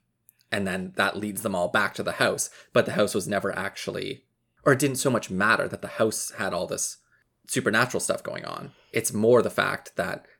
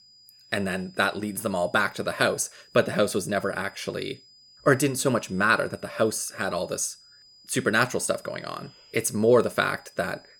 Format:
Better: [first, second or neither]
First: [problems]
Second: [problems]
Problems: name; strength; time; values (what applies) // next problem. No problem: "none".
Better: first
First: none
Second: high-pitched whine; faint; throughout; 5 kHz, 25 dB below the speech